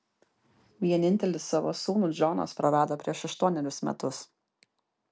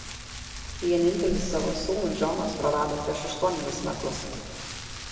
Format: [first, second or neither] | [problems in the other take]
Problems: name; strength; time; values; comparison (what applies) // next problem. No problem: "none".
first | background sound (Rain); 8 dB below the speech // room echo; dies away in 2.5 s